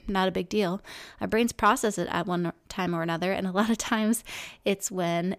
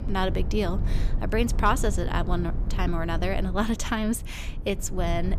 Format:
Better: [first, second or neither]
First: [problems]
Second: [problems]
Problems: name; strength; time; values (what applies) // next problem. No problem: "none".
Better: first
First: none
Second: low rumble; noticeable; throughout; 15 dB below the speech